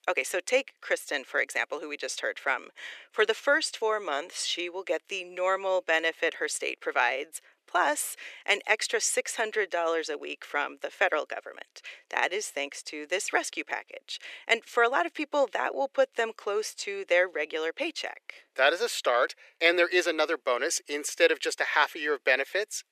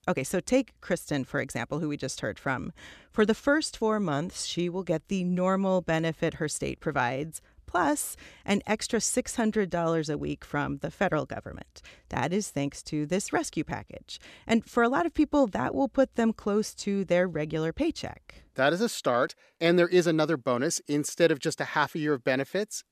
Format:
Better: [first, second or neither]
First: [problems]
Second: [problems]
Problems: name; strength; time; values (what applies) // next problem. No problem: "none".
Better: second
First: thin; very; fading below 400 Hz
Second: none